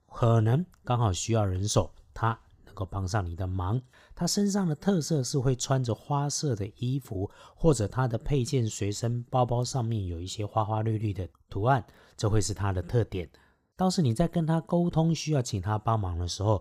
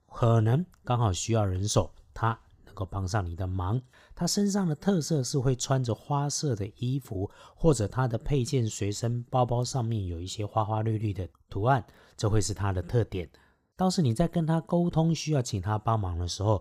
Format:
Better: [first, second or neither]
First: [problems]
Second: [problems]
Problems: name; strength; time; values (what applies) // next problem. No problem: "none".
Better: neither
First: none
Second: none